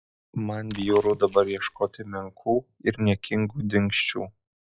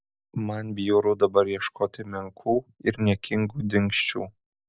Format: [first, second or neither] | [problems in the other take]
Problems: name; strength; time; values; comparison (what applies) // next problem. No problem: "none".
second | noise reduction (classical method log-MMSE)